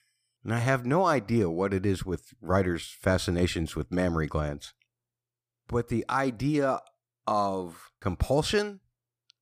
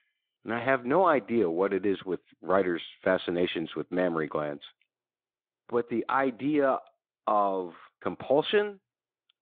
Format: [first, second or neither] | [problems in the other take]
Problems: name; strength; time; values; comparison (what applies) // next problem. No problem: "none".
first | phone-call audio; nothing above 3.5 kHz